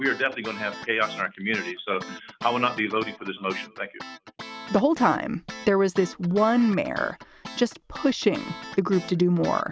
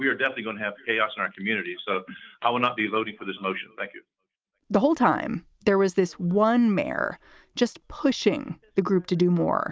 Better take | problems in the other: second | background sound (Guitar); 15 dB below the speech

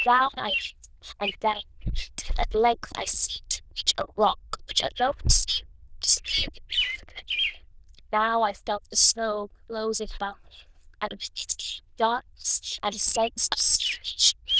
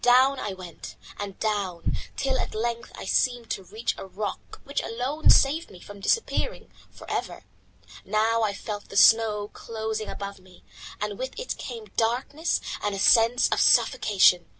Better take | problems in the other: second | noise reduction (neural diffusion model UNIVERSE++)

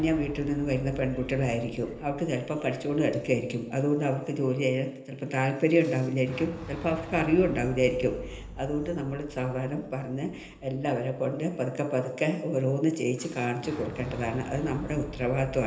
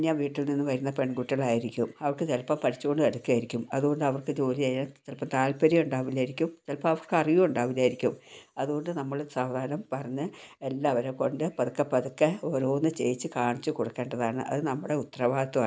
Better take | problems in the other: second | background sound (Boom); 16 dB below the speech // room echo; dies away in 0.8 s

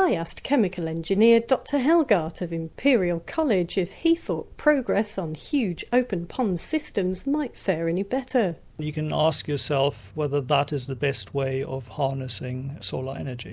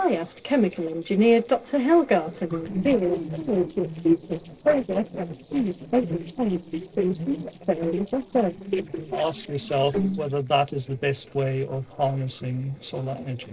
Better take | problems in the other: first | noise reduction (neural separator model SepFormer DNS4)

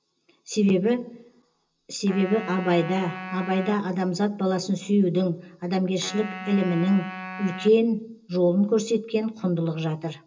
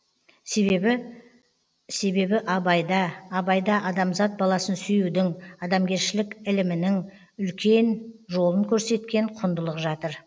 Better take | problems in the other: second | background sound (Wind instrument, woodwind instrument); 14 dB below the speech // room echo; dies away in 0.2 s

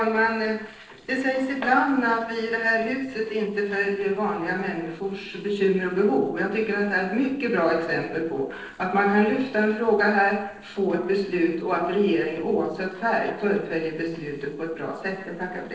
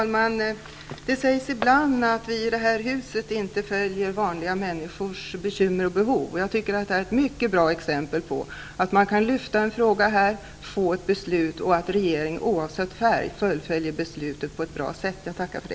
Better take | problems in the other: second | noise reduction (neural separator model SepFormer DNS4)

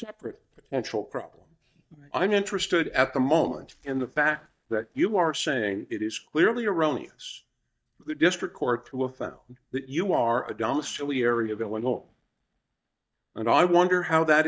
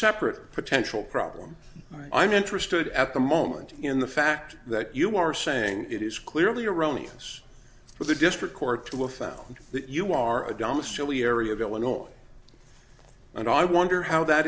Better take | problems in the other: second | noise reduction (neural mask model DeepFilterNet 3)

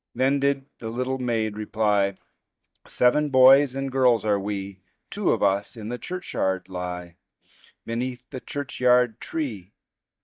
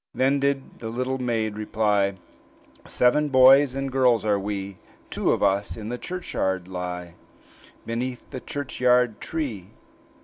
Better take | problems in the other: second | noise reduction (neural mask model DeepFilterNet 3)

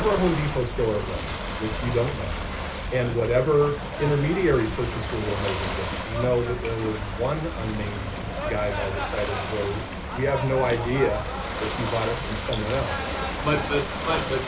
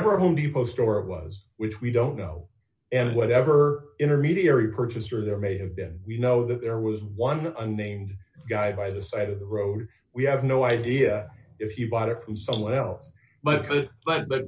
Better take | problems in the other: second | background sound (Ocean / Boat, Water vehicle); 4 dB below the speech

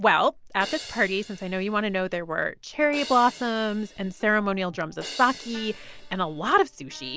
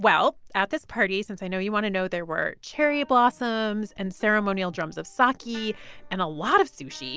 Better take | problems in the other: second | background sound (Crash cymbal); 17 dB below the speech

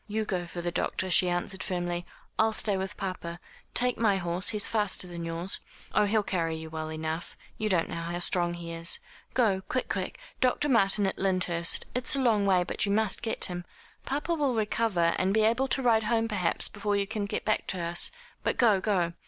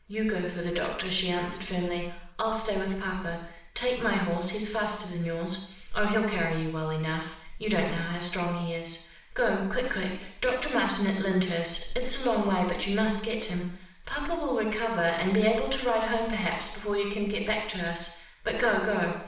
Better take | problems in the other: first | room echo; dies away in 0.7 s

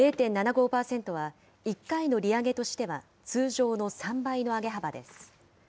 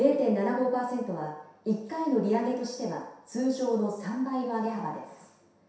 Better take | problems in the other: first | room echo; dies away in 0.7 s

